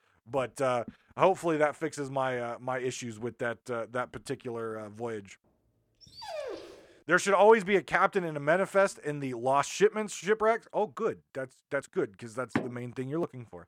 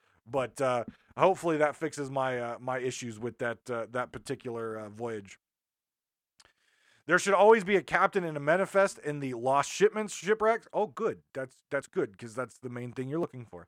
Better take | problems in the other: second | dog barking; noticeable; at 6 s; peak 9 dB below the speech // door banging; noticeable; at 13 s; peak 5 dB below the speech

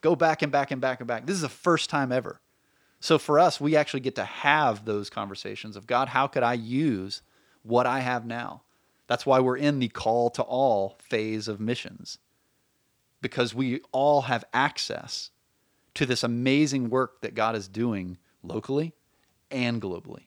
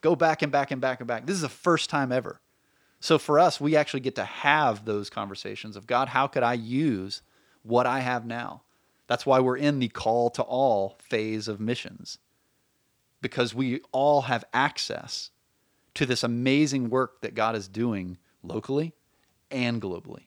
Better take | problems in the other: neither | none

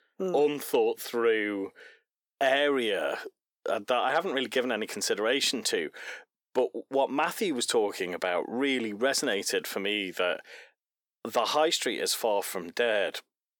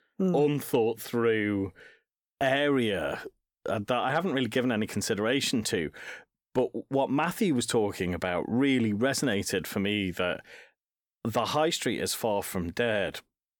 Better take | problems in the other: second | thin; somewhat; fading below 400 Hz

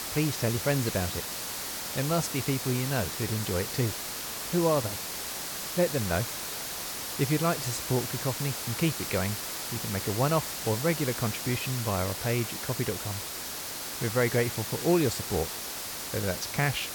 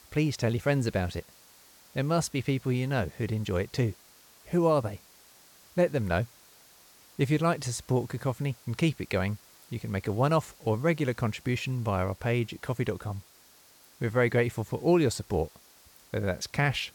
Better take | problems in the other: second | hiss; loud; throughout; 3 dB below the speech; faint in the second

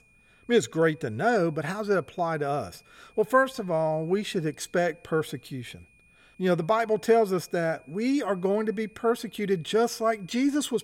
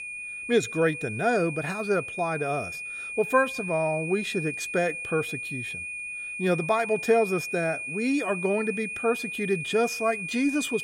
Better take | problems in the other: first | high-pitched whine; loud; throughout; 2.5 kHz, 6 dB below the speech; faint in the first

